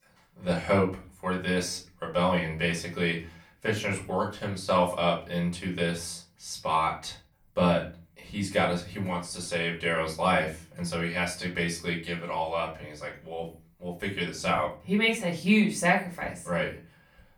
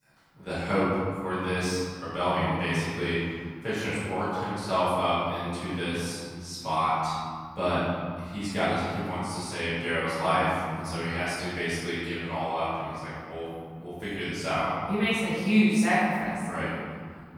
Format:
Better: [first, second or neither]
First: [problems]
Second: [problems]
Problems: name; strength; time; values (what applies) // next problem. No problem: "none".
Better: first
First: room echo; slight; dies away in 0.3 s // off-mic speech; far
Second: room echo; strong; dies away in 2.4 s // off-mic speech; far